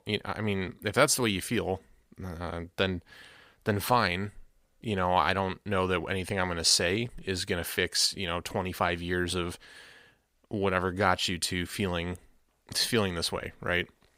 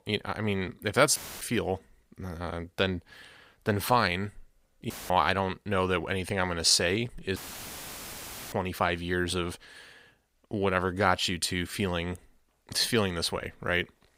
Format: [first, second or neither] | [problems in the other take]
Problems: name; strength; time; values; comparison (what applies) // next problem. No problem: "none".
first | audio cutting out; filled with static; at 1 s, at 5 s and at 7.5 s for 1 s